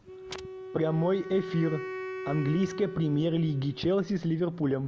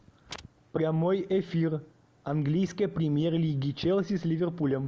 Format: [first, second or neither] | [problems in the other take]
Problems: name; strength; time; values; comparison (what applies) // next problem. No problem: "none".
second | background sound (Wind instrument, woodwind instrument); 11 dB below the speech